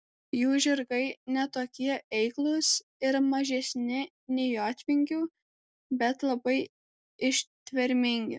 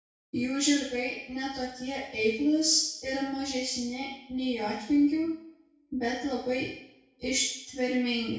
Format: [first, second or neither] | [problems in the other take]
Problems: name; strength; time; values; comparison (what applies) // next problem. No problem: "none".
first | room echo; dies away in 0.6 s